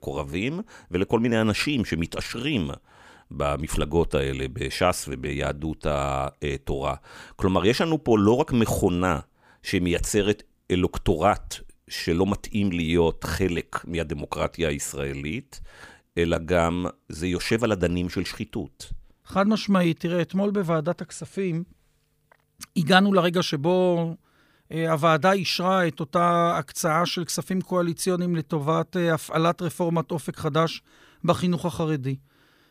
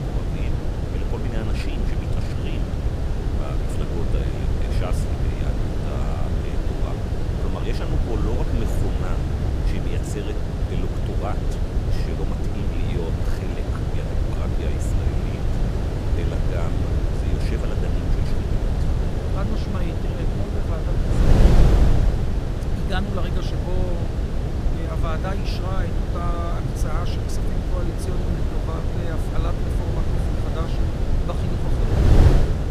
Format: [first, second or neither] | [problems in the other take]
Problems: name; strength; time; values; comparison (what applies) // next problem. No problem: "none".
first | wind noise on the microphone; heavy; 3 dB above the speech